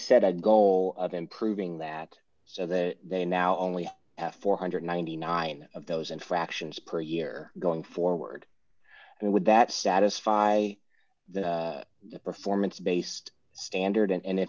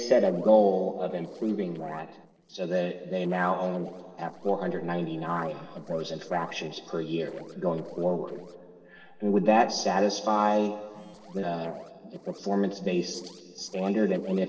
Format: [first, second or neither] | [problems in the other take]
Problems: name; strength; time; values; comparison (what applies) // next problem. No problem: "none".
first | noise reduction (neural separator model SepFormer DNS4)